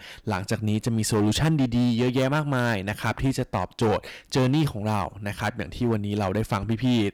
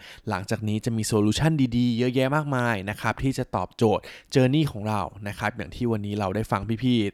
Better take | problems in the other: second | distortion; slight; 10% of the sound clipped

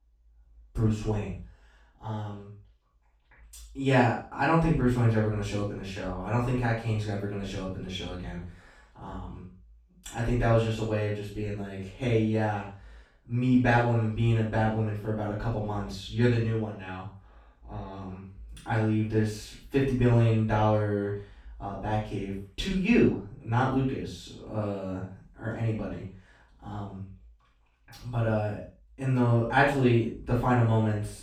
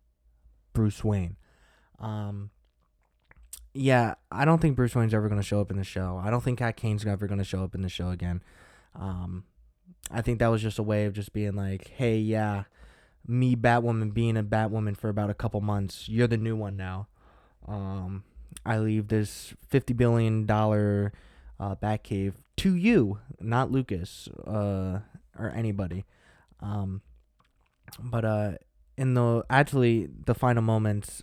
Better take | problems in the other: second | room echo; noticeable; dies away in 0.3 s // off-mic speech; far

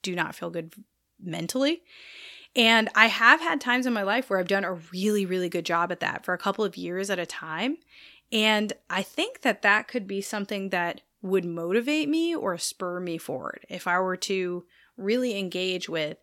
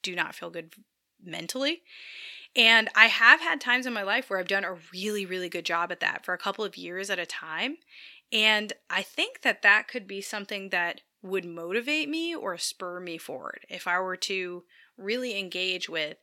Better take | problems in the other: first | thin; very slightly; fading below 350 Hz

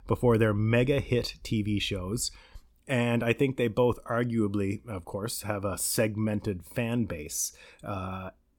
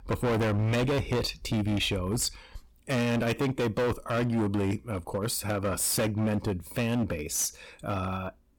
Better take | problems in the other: first | distortion; heavy; 19% of the sound clipped

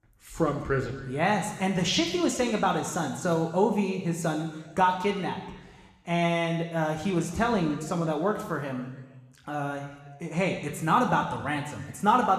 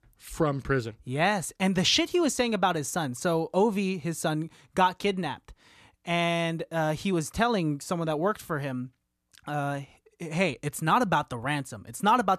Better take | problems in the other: second | room echo; noticeable; dies away in 1.2 s // off-mic speech; somewhat distant

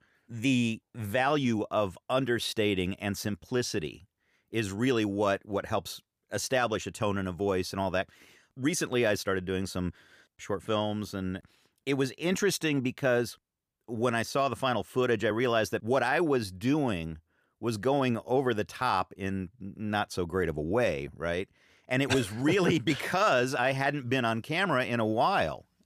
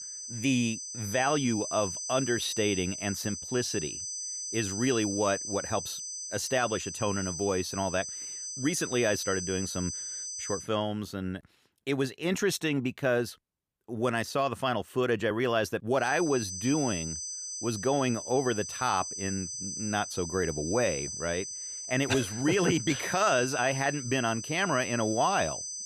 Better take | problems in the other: first | high-pitched whine; loud; until 11 s and from 16 s on; 6 kHz, 6 dB below the speech

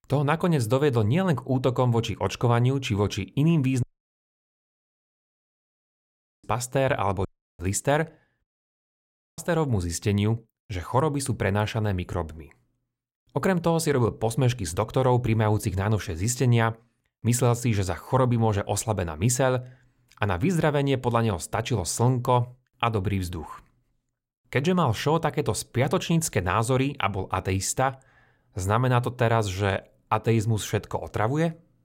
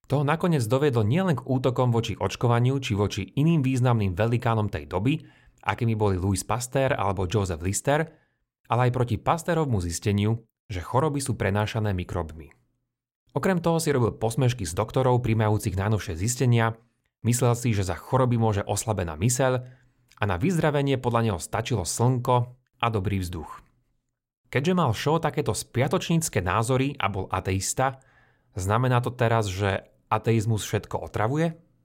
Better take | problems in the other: second | audio cutting out; at 4 s for 2.5 s, at 7.5 s and at 8.5 s for 1 s

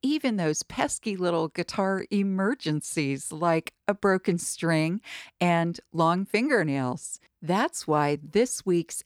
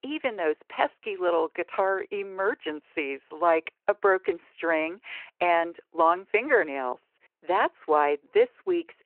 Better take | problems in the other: first | phone-call audio

